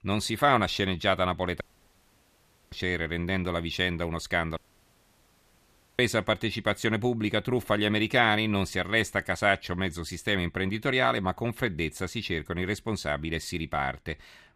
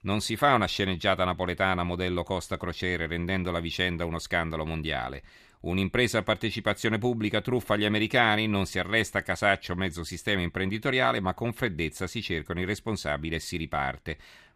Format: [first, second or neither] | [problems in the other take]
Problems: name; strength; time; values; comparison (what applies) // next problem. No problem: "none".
second | audio cutting out; at 1.5 s for 1 s and at 4.5 s for 1.5 s